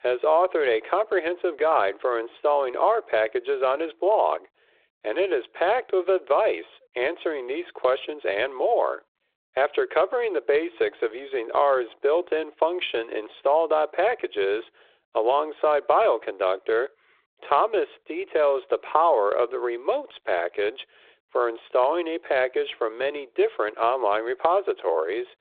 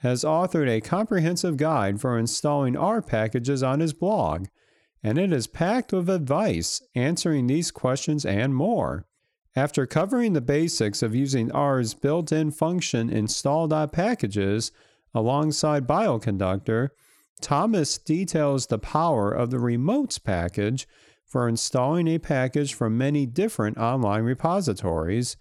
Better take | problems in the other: second | phone-call audio

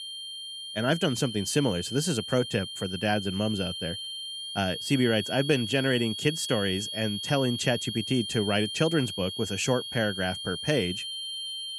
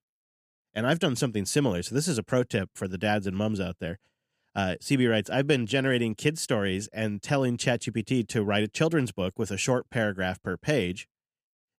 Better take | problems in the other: second | high-pitched whine; loud; throughout; 3.5 kHz, 6 dB below the speech

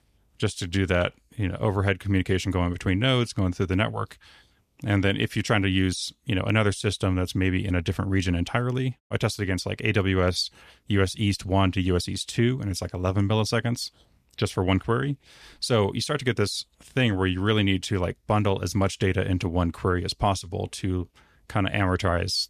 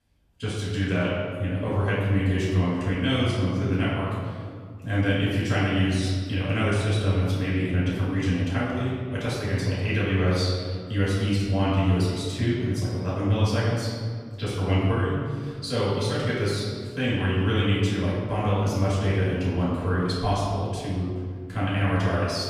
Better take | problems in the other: first | room echo; strong; dies away in 1.8 s // off-mic speech; far

